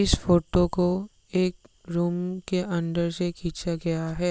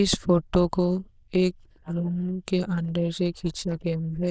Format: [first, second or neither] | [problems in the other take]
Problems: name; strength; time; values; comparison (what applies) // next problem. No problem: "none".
first | noise reduction (neural diffusion model UNIVERSE++)